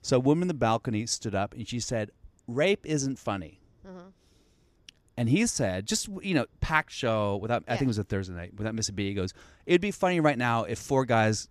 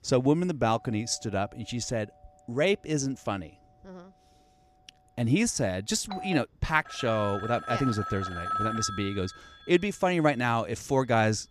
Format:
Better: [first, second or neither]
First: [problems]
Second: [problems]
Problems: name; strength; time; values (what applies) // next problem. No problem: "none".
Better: first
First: none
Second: alarms or sirens; loud; throughout; 8 dB below the speech